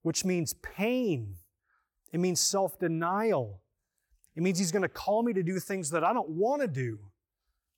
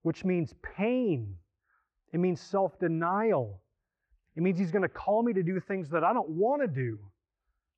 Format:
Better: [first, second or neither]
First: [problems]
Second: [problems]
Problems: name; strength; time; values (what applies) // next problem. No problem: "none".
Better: first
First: none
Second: muffled; very; fading above 2.5 kHz